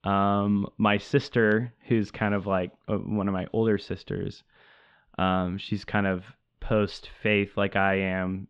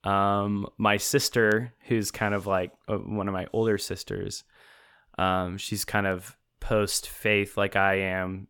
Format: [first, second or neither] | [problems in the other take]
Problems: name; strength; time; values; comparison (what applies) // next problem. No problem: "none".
second | muffled; slightly; fading above 3.5 kHz